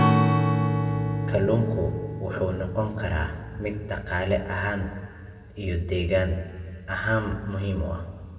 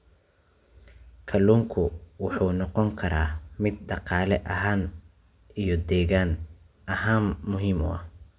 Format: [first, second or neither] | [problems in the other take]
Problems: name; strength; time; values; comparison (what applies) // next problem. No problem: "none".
second | background sound (Strum); 1 dB below the speech // room echo; dies away in 1.6 s